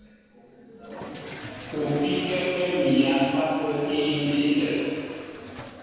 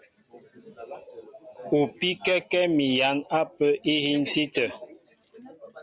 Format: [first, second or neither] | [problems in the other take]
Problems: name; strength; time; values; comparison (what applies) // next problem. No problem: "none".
second | background sound (Fill (with liquid) / Toilet flush); 16 dB below the speech // room echo; dies away in 2.1 s